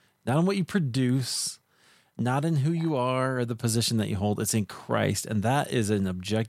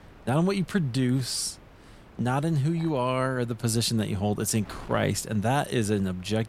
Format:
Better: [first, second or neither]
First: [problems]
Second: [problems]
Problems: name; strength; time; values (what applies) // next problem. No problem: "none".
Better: first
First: none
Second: wind noise on the microphone; occasional gusts; 25 dB below the speech